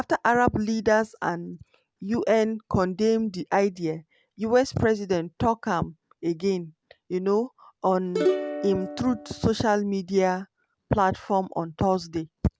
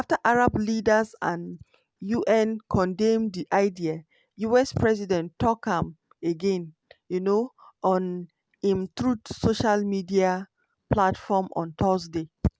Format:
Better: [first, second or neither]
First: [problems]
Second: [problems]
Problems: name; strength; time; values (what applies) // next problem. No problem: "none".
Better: second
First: background sound (Plucked string instrument); 4 dB below the speech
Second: none